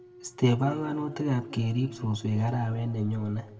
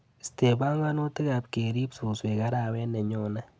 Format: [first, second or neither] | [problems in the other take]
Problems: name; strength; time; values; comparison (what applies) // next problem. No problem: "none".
second | background sound (Thump, thud); 19 dB below the speech // room echo; dies away in 1.3 s